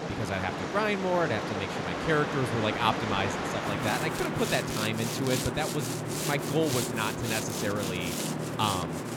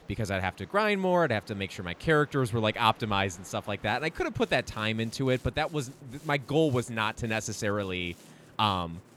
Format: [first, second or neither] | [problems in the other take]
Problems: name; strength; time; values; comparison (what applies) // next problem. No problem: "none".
second | train or aircraft noise; loud; throughout; 1 dB below the speech; faint in the second